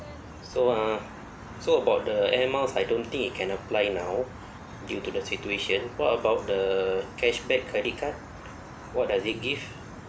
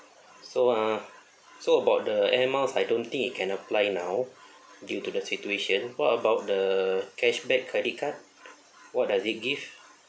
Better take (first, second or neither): second